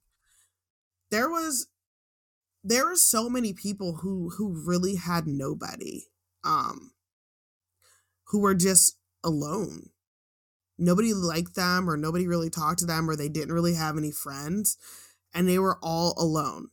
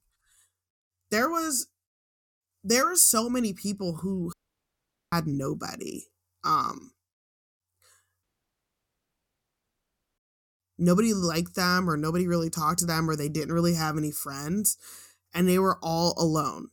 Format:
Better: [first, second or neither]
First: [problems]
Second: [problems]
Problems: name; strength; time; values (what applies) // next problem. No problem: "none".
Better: first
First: none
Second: audio cutting out; at 4.5 s for 1 s and at 8 s for 2 s